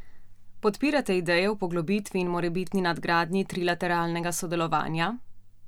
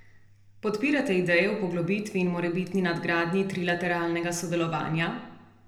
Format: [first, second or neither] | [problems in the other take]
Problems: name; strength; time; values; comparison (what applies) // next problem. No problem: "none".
first | room echo; dies away in 0.7 s